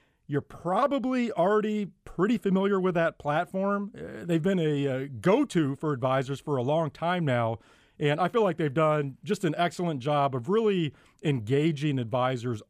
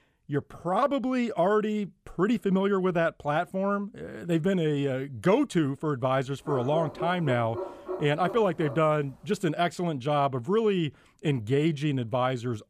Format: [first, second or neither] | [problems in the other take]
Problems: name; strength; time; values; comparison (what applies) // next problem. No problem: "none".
first | dog barking; noticeable; from 6.5 to 9 s; peak 7 dB below the speech